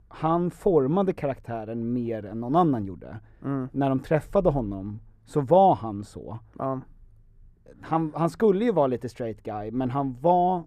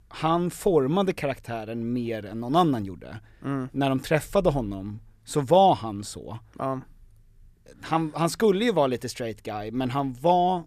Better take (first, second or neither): second